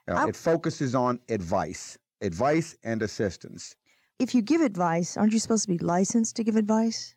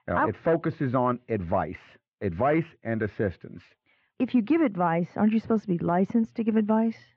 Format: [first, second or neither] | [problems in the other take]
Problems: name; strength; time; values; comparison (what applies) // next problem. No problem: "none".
first | muffled; very; fading above 3 kHz